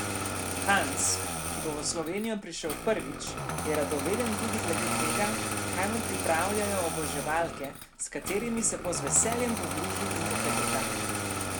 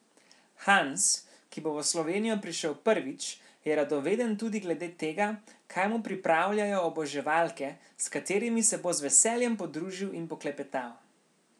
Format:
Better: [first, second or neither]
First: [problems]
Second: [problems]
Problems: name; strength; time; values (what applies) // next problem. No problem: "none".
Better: second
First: background sound (Engine starting); as loud as the speech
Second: none